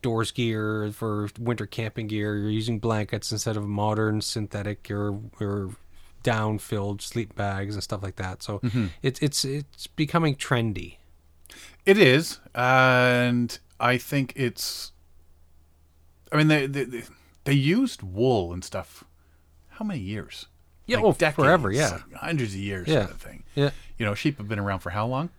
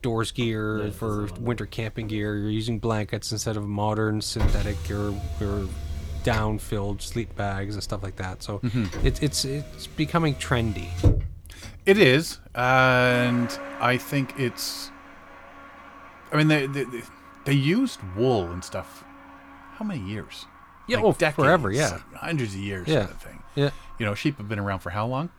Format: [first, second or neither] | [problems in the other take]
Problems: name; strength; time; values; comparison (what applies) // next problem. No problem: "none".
first | traffic noise; noticeable; throughout; 10 dB below the speech